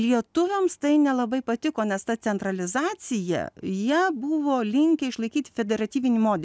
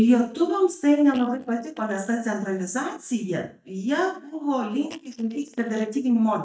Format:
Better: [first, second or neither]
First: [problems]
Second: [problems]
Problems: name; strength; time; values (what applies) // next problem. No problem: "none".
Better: first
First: none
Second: noise reduction (neural mask model DeepFilterNet 3)